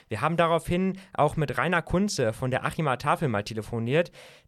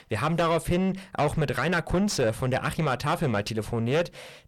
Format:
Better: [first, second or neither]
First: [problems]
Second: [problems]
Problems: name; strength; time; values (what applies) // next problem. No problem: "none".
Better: first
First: none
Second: distortion; heavy; 7 dB below the speech